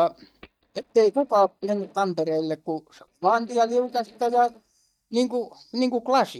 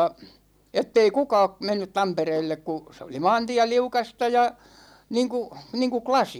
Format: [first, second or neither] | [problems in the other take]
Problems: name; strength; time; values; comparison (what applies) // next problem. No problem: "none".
second | noise reduction (neural mask model DeepFilterNet 3)